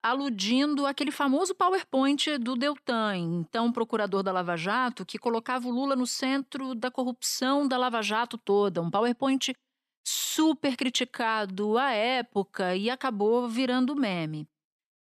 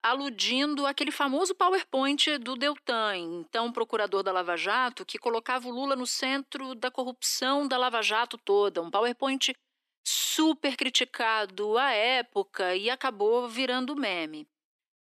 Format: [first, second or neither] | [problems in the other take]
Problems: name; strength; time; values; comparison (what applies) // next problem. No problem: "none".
first | thin; very slightly; fading below 300 Hz